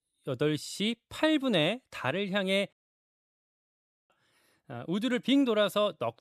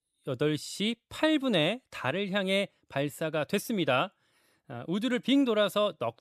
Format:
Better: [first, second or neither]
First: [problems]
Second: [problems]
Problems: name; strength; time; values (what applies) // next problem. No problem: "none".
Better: second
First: audio cutting out; at 2.5 s for 1.5 s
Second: none